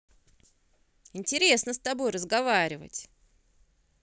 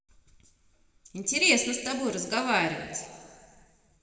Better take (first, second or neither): first